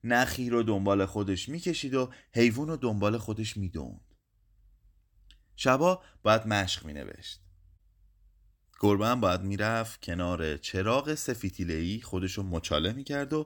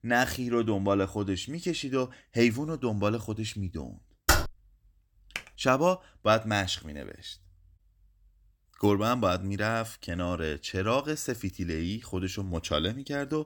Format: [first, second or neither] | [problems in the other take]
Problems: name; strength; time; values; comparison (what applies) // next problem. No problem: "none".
first | keyboard typing; loud; at 4.5 s; peak 4 dB above the speech // keyboard typing; faint; at 5.5 s; peak 10 dB below the speech